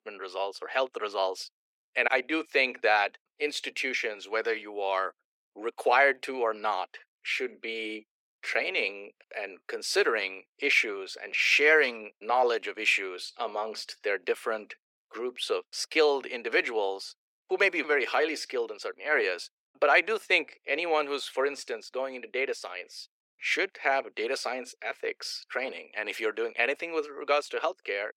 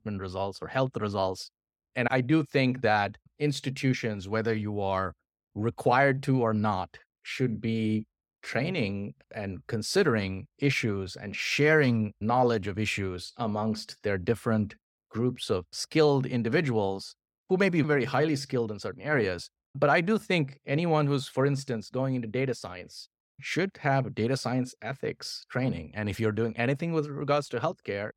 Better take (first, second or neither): second